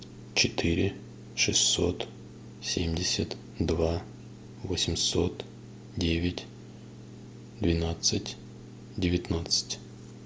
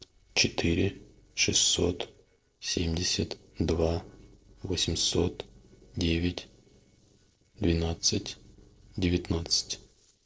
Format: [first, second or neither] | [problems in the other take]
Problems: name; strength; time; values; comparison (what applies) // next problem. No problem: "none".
first | noise reduction (neural separator model SepFormer DNS4)